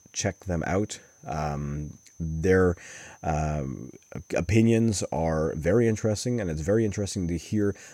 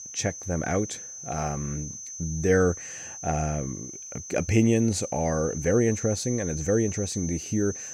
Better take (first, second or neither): first